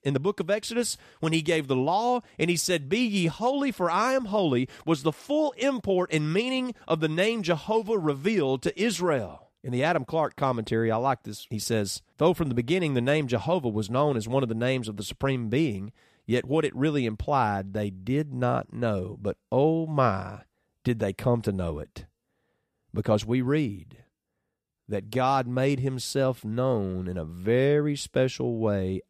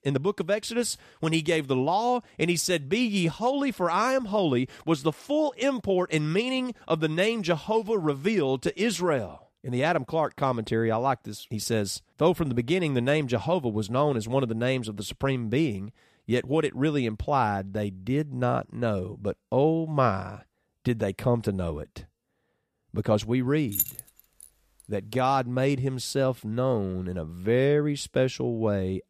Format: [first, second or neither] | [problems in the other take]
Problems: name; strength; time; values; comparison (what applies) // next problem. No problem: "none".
first | jangling keys; noticeable; at 24 s; peak 1 dB below the speech